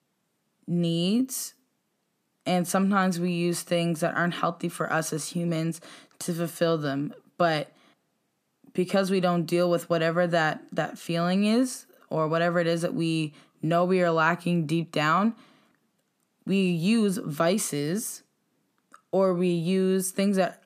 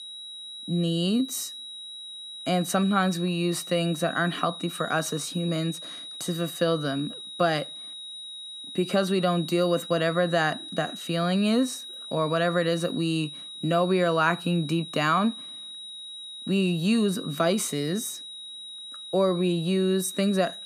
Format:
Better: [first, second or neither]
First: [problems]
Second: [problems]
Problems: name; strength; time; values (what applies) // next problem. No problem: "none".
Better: first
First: none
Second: high-pitched whine; noticeable; throughout; 4 kHz, 10 dB below the speech